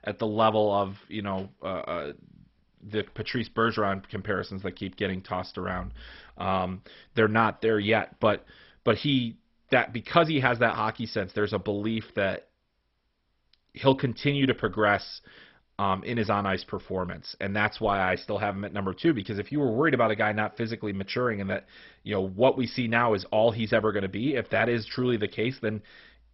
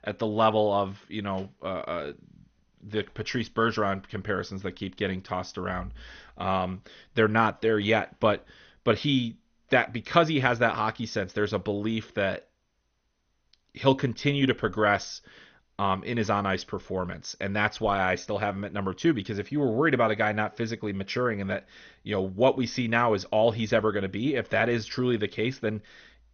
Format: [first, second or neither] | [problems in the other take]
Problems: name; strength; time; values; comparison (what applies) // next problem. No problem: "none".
second | garbled, watery; badly; nothing above 5.5 kHz; slightly in the second